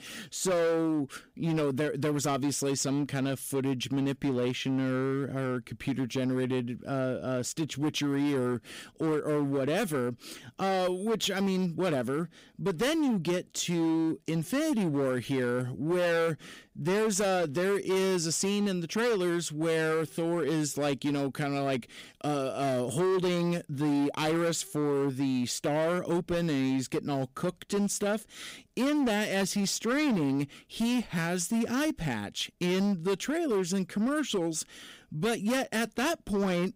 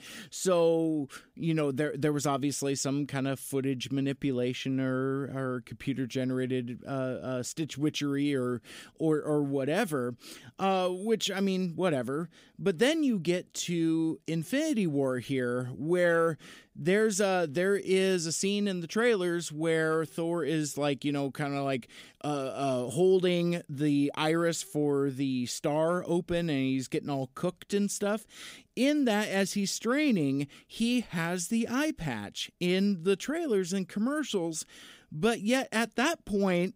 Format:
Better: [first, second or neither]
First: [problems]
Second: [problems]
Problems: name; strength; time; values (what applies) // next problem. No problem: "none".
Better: second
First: distortion; slight; 16% of the sound clipped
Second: none